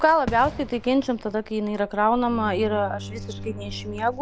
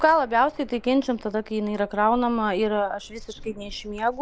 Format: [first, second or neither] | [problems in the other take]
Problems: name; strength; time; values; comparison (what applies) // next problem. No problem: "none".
second | background sound (Bowed string instrument + Fireworks); 13 dB below the speech